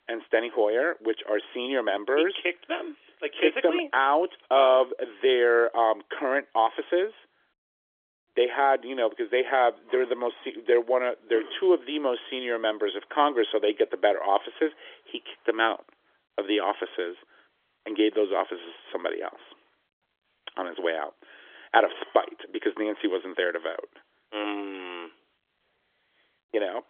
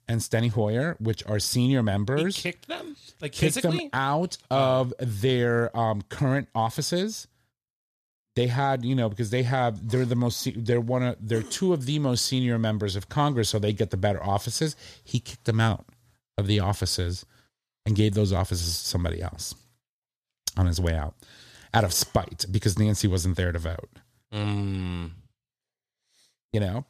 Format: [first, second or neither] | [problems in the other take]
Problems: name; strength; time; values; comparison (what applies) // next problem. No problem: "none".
second | phone-call audio; nothing above 3.5 kHz